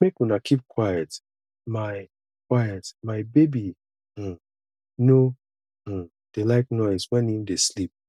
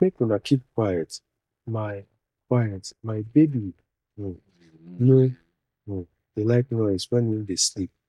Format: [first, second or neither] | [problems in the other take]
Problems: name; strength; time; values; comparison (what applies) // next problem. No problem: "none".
first | noise reduction (neural mask model DeepFilterNet 3)